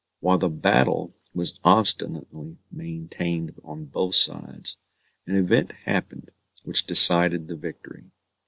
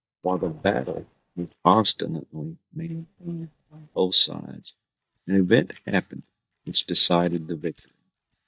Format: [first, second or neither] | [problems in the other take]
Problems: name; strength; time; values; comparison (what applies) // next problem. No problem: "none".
first | noise reduction (neural mask model DeepFilterNet 3)